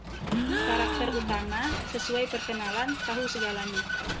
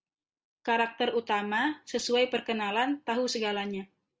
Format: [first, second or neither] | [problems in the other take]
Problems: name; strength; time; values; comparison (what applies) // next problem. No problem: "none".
second | background sound (Vehicle + Gasp); 1 dB above the speech